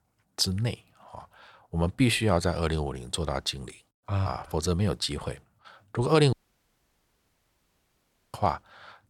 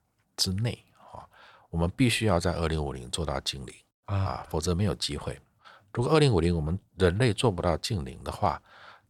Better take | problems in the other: second | audio cutting out; at 6.5 s for 2 s

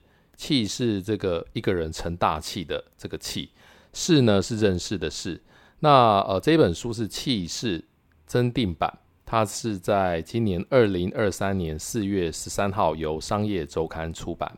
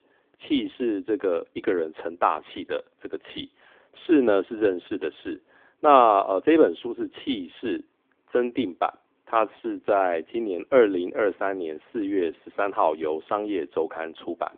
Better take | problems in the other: first | phone-call audio; nothing above 3.5 kHz

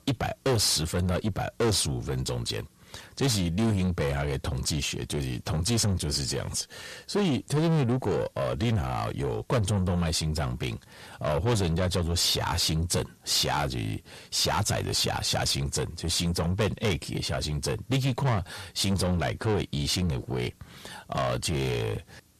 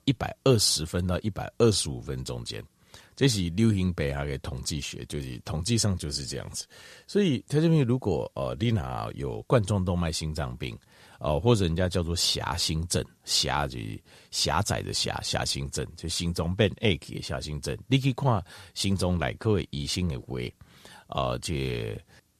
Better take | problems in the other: second | distortion; heavy; 6 dB below the speech

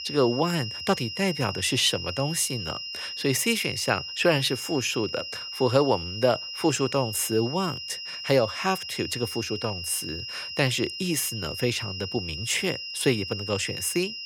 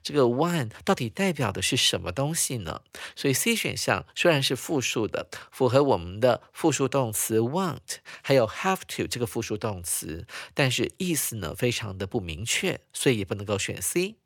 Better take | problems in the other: second | high-pitched whine; loud; throughout; 3 kHz, 7 dB below the speech

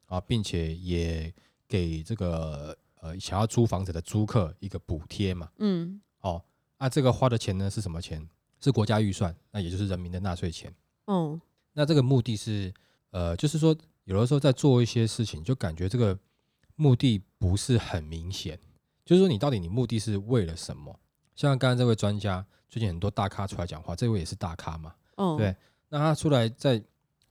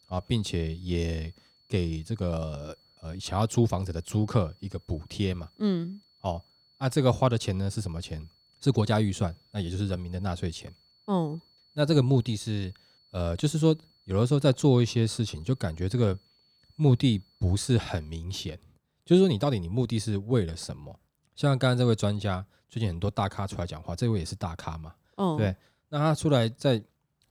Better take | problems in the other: first | high-pitched whine; faint; until 18 s; 4.5 kHz, 35 dB below the speech

